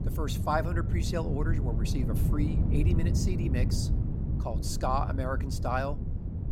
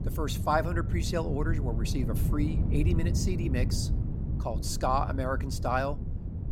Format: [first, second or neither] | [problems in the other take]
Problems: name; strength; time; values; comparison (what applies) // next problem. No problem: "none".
second | wind noise on the microphone; heavy; 8 dB below the speech; occasional gusts in the second